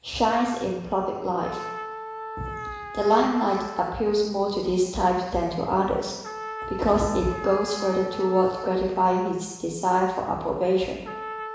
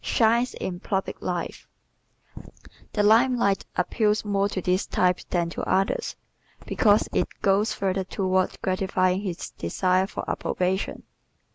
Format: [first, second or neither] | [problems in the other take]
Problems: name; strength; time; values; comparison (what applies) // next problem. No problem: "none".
second | background sound (Trumpet); 13 dB below the speech // room echo; dies away in 1 s